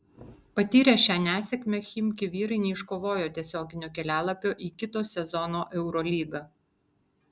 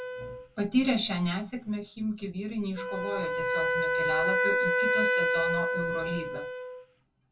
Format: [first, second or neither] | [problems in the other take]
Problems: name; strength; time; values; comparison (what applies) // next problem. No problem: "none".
first | background sound (Wind instrument, woodwind instrument); 3 dB above the speech // room echo; dies away in 0.1 s